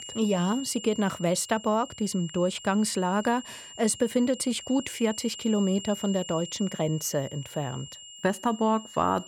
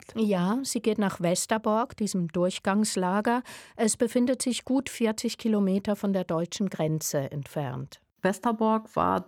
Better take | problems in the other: second | high-pitched whine; noticeable; throughout; 3 kHz, 15 dB below the speech

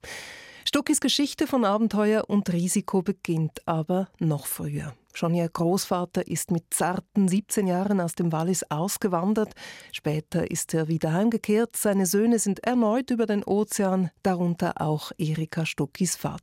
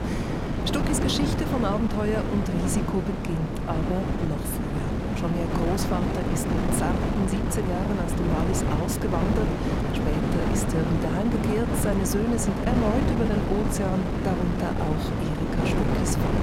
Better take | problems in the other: first | wind noise on the microphone; heavy; 1 dB above the speech

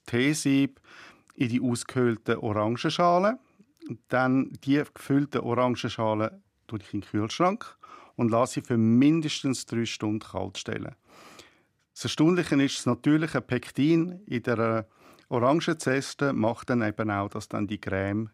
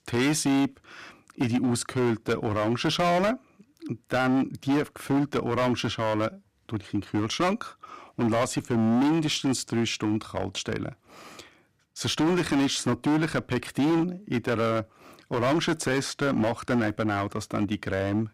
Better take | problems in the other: first | distortion; heavy; 13% of the sound clipped

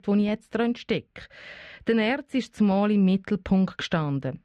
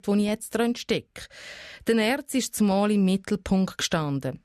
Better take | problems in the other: second | muffled; slightly; fading above 2.5 kHz

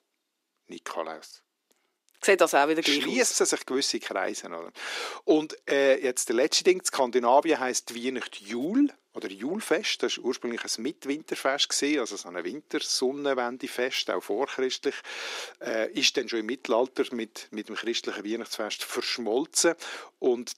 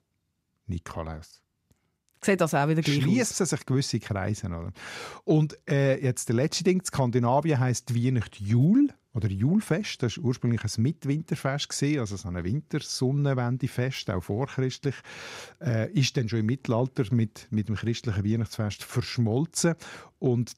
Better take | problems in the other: second | thin; somewhat; fading below 300 Hz

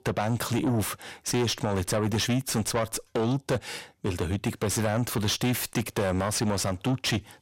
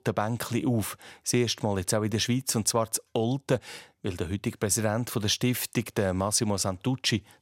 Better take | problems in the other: second | distortion; heavy; 7 dB below the speech

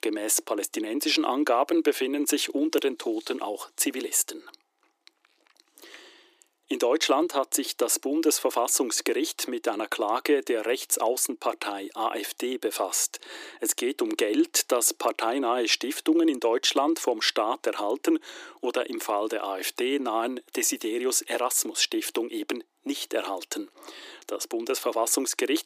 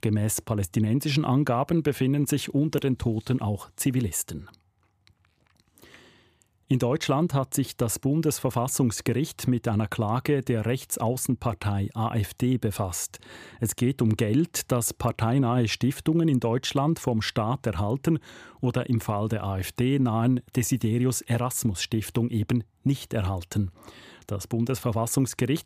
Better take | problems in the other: second | thin; somewhat; fading below 300 Hz

